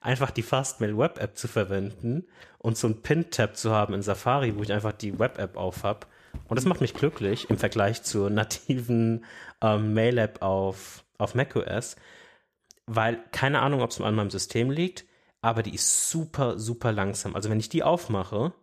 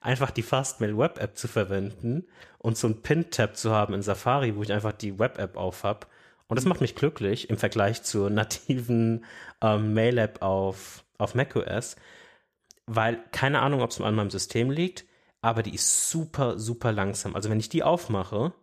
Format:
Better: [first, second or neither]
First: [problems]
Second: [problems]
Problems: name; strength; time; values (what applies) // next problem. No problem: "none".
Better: second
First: footsteps; noticeable; from 4.5 to 7.5 s; peak 8 dB below the speech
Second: none